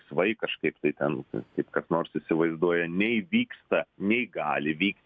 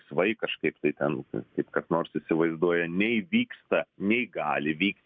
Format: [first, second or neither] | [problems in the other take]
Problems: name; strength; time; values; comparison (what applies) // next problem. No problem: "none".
first | noise reduction (neural mask model Resemble Enhance denoiser)